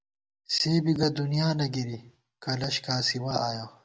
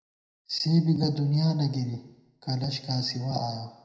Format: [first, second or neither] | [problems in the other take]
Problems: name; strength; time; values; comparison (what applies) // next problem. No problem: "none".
first | room echo; dies away in 0.8 s